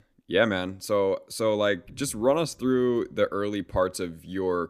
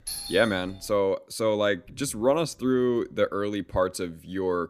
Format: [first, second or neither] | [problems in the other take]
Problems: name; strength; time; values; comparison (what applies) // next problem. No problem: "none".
first | doorbell; noticeable; at the start; peak 6 dB below the speech